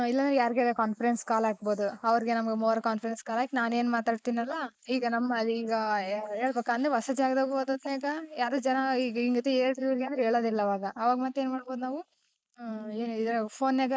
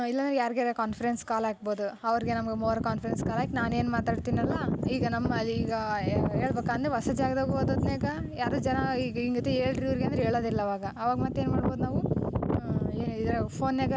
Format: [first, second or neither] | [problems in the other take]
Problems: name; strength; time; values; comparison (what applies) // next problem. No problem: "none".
second | noise reduction (neural mask model Resemble Enhance denoiser)